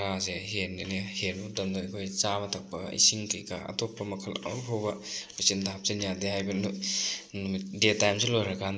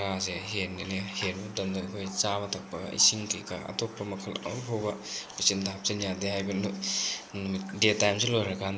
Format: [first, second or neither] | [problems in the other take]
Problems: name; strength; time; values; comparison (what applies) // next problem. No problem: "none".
first | background sound (Raindrop); 18 dB below the speech